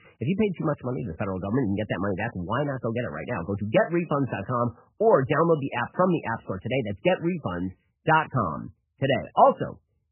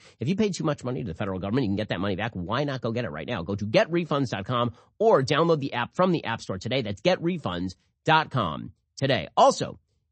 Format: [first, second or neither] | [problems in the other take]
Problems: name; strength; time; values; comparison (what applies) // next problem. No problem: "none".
second | garbled, watery; badly; nothing above 3 kHz; slightly in the second